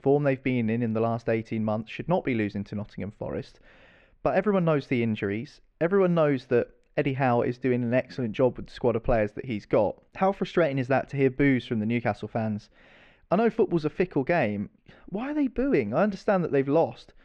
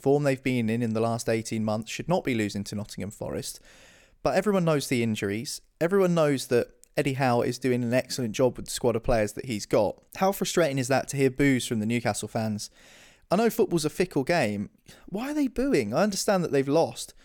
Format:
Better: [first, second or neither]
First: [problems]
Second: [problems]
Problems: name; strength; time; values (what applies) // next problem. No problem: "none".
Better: second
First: muffled; very; fading above 2.5 kHz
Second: none